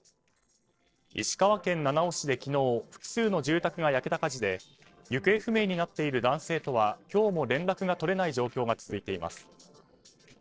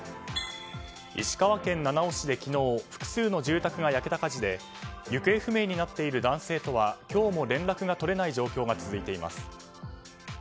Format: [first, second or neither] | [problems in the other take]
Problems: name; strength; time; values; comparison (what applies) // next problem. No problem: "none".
second | noise reduction (neural separator model SepFormer DNS4)